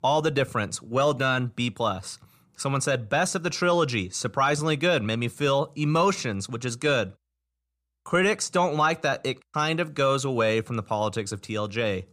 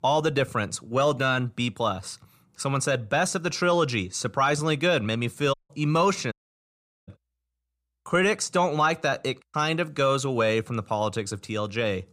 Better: first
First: none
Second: audio cutting out; at 5.5 s and at 6.5 s for 1 s

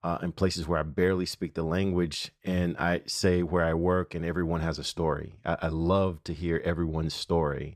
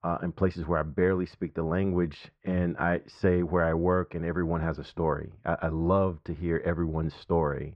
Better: first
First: none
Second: muffled; very; fading above 1.5 kHz

